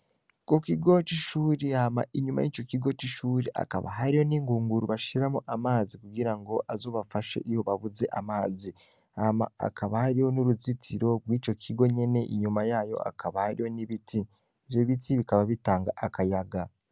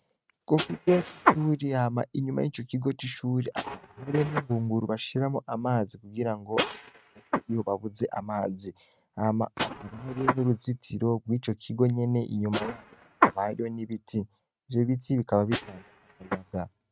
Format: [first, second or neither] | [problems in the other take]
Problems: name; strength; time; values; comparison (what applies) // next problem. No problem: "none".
first | noise reduction (neural mask model RNNoise)